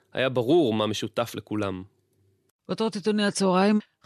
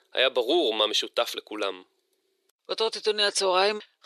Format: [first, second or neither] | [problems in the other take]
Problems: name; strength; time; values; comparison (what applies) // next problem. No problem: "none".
first | thin; very; fading below 400 Hz